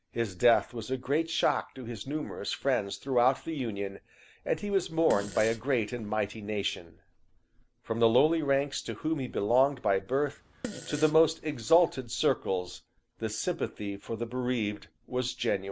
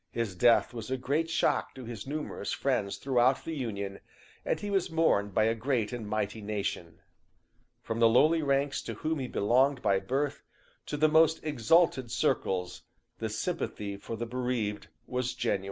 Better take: second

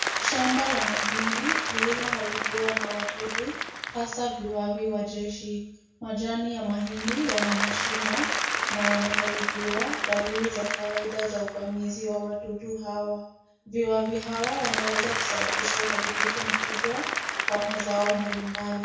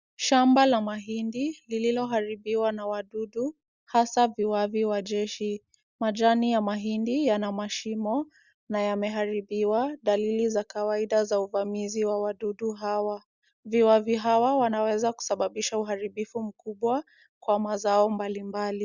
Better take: second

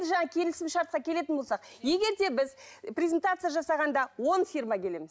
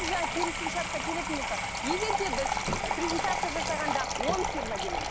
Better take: first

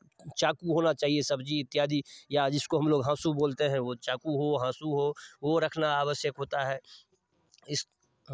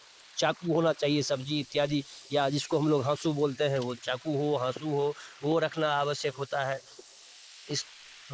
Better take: first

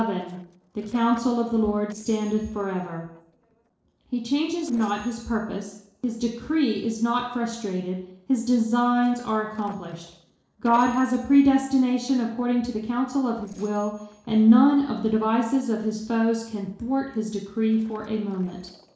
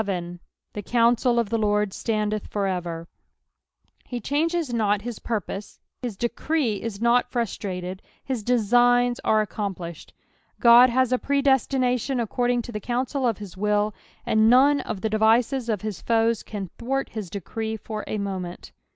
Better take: second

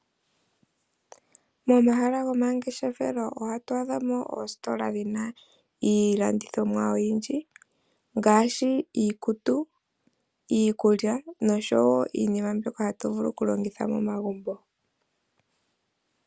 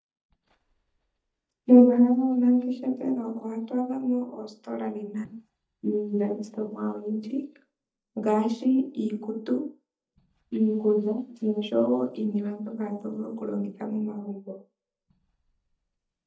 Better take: first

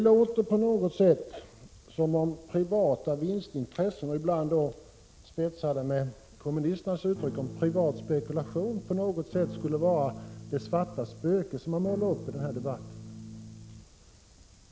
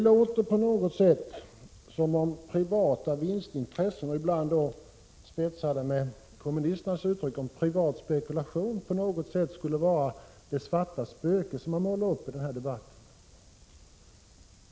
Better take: second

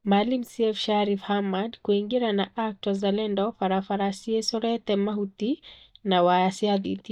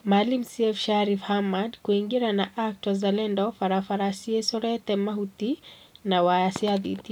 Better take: second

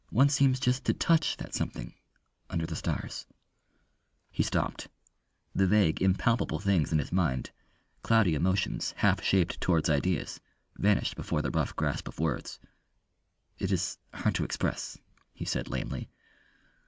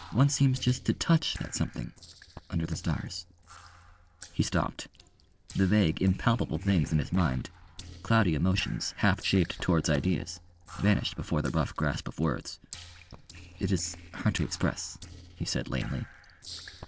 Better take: first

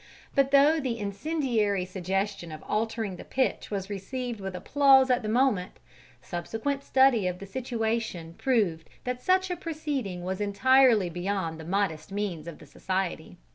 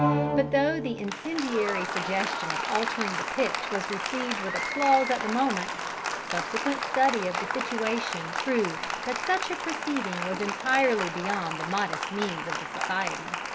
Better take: first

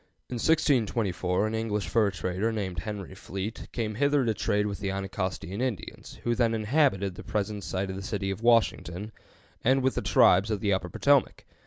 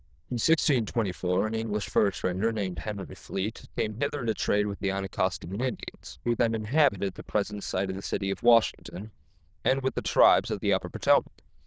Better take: first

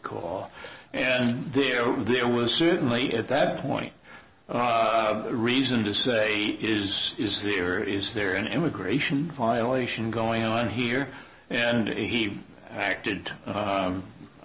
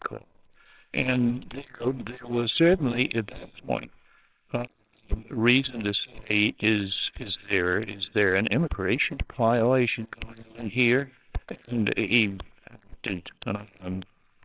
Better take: first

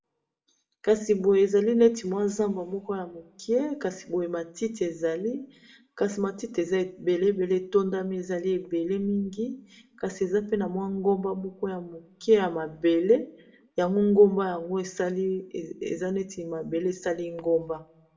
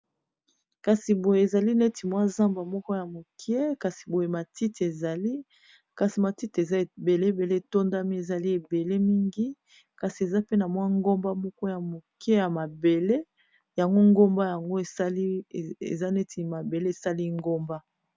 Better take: second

